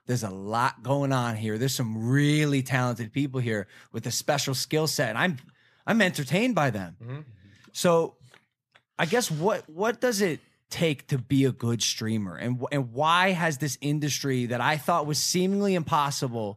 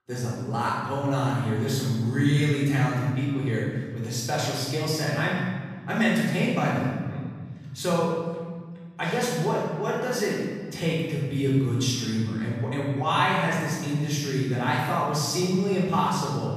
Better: first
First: none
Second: off-mic speech; far // room echo; strong; dies away in 1.9 s

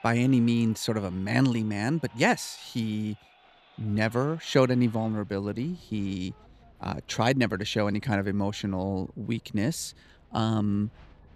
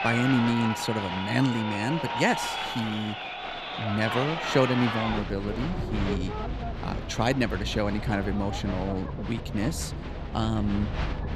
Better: first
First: crowd noise; faint; throughout; 25 dB below the speech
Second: crowd noise; loud; throughout; 4 dB below the speech

